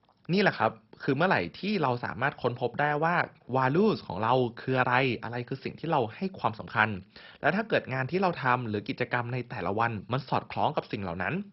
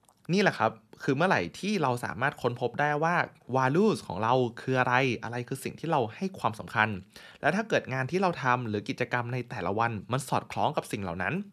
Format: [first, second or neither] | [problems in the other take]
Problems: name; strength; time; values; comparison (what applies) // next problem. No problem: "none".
second | garbled, watery; badly; nothing above 5.5 kHz